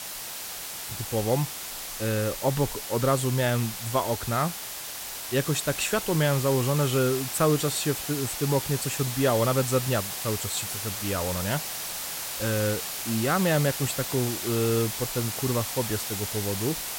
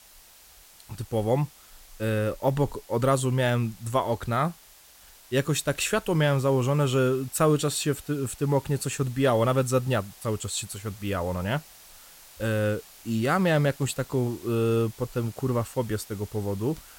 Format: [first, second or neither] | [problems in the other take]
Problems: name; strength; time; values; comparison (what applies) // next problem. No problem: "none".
second | hiss; loud; throughout; 4 dB below the speech; faint in the second